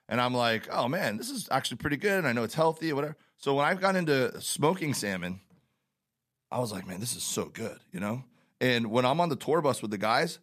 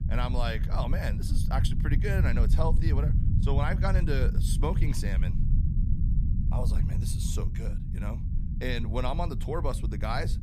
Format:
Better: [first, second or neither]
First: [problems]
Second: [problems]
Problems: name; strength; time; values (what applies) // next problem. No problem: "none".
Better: first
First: none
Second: low rumble; loud; throughout; 8 dB below the speech